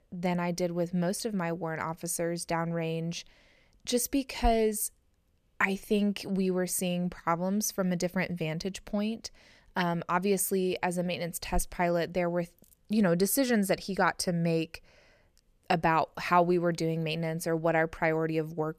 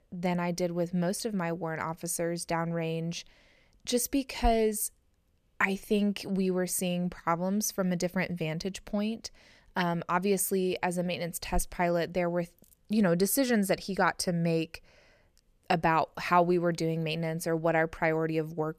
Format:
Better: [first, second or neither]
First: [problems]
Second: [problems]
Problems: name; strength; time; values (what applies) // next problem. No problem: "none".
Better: neither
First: none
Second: none